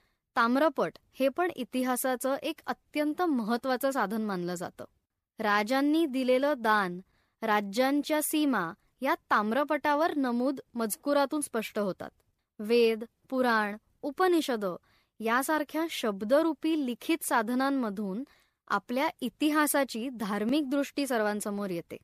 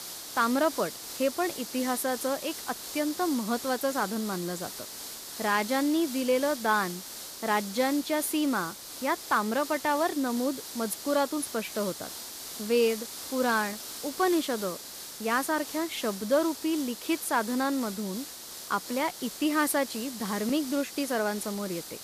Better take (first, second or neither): first